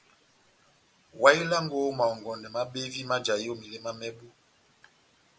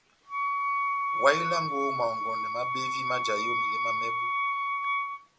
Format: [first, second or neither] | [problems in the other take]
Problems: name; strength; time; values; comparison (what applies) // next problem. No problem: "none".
first | background sound (Wind instrument, woodwind instrument); 4 dB above the speech